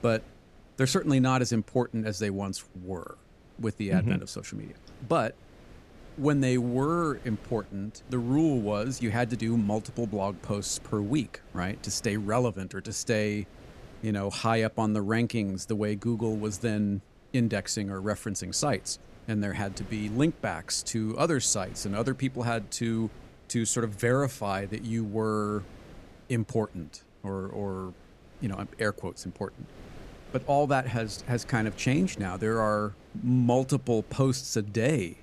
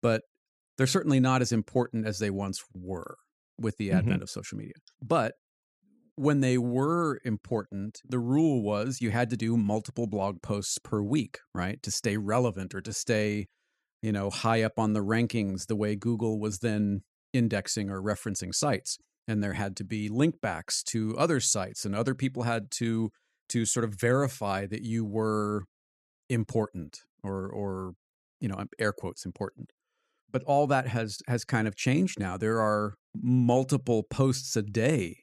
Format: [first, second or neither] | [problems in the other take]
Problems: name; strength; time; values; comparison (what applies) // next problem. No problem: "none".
second | wind noise on the microphone; occasional gusts; 25 dB below the speech